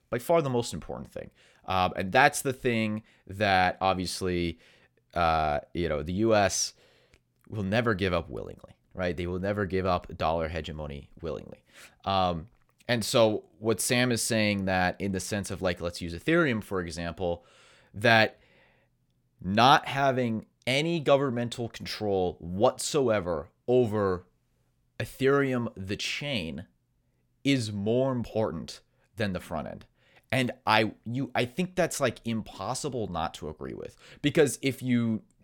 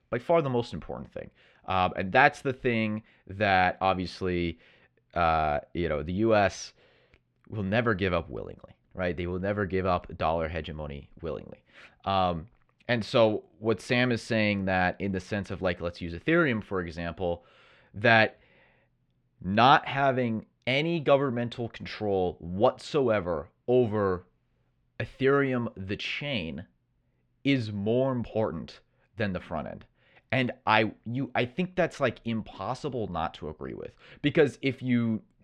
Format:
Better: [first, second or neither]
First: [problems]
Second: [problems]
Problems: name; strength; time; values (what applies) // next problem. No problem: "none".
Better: first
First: none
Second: muffled; slightly; fading above 2.5 kHz